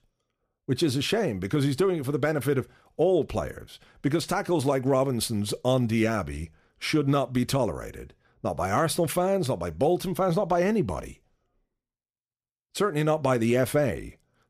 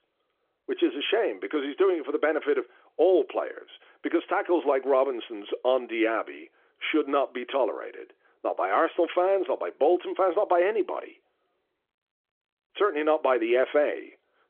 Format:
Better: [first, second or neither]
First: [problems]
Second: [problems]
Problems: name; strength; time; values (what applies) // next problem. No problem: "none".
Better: first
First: none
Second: phone-call audio; nothing above 3.5 kHz